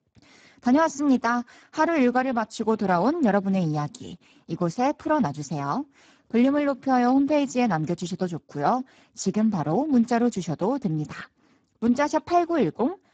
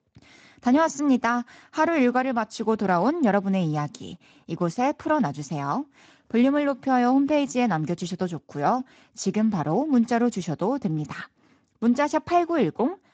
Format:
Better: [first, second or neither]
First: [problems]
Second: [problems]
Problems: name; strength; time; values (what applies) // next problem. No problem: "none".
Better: second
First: garbled, watery; badly; nothing above 7.5 kHz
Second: garbled, watery; slightly; nothing above 7.5 kHz